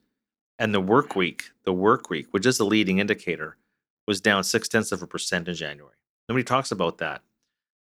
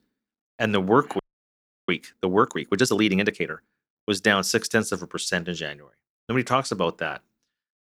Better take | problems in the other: first | audio freezing; at 1 s for 0.5 s

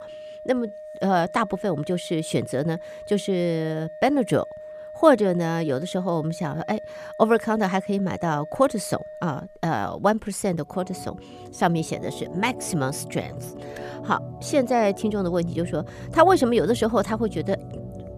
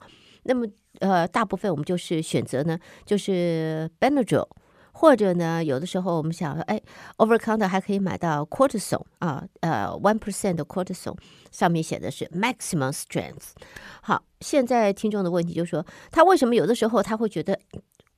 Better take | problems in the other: second | background music; noticeable; throughout; 15 dB below the speech

